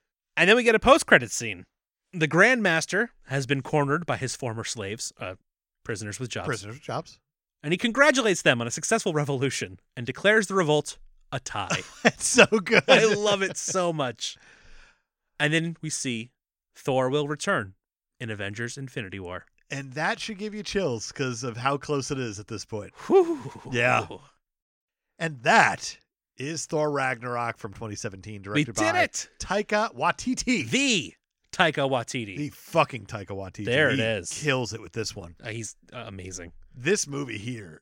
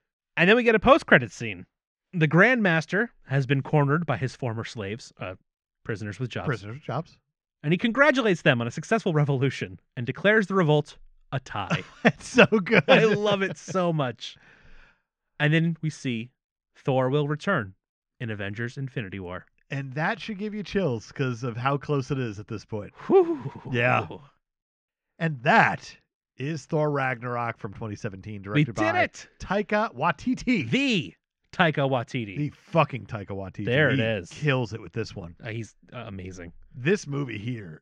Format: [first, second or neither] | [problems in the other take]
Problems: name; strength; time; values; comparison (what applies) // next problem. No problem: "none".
first | muffled; slightly; fading above 3 kHz